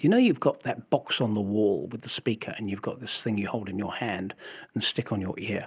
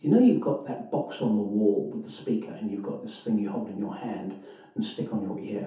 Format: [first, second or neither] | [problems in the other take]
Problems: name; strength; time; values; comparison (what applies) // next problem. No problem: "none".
first | room echo; dies away in 0.5 s